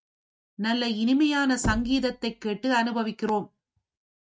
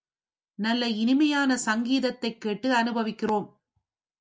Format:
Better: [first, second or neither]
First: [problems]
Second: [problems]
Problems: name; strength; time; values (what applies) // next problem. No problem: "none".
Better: second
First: noise reduction (neural mask model RNNoise)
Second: none